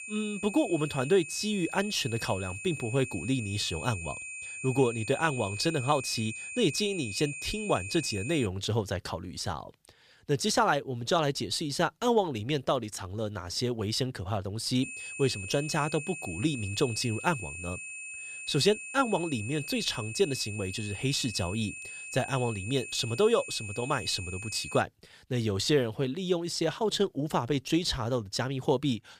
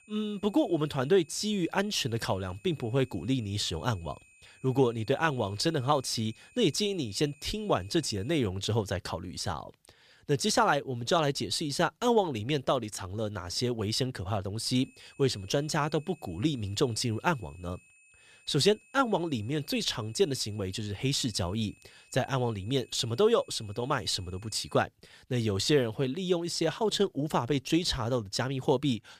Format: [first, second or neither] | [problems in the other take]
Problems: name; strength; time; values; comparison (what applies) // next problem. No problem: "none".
second | high-pitched whine; loud; until 8.5 s and from 15 to 25 s; 2.5 kHz, 9 dB below the speech; faint in the second